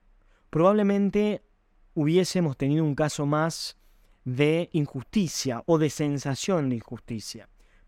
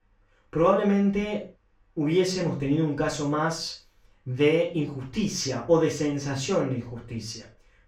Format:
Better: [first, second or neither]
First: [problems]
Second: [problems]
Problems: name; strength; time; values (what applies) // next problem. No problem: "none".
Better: first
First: none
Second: room echo; noticeable; dies away in 0.3 s // off-mic speech; far